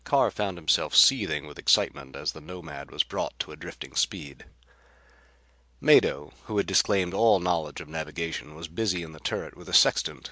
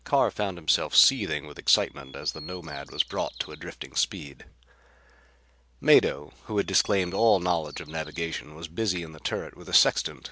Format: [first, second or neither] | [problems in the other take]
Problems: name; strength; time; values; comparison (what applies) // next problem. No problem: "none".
first | background sound (Bird vocalization, bird call, bird song); 18 dB below the speech